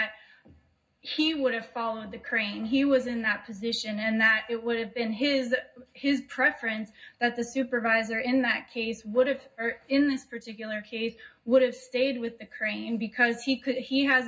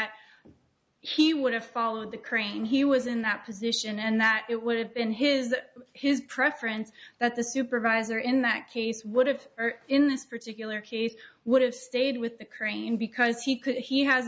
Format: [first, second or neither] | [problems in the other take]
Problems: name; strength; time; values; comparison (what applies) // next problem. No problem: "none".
second | room echo; dies away in 0.4 s